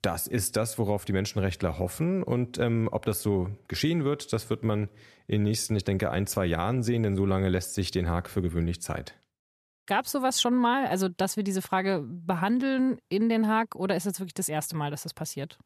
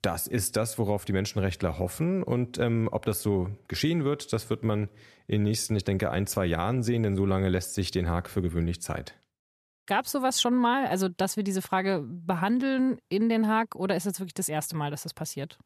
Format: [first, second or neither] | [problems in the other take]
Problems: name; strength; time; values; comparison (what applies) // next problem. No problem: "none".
neither | none